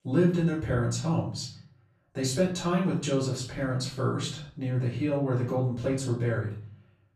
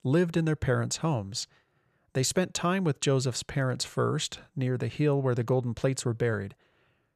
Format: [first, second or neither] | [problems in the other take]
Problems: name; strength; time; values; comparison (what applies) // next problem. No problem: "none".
second | room echo; noticeable; dies away in 0.4 s // off-mic speech; far